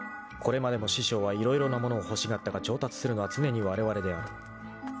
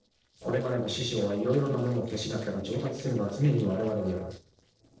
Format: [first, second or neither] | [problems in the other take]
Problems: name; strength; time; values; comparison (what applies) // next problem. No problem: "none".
first | noise reduction (neural separator model SepFormer DNS4)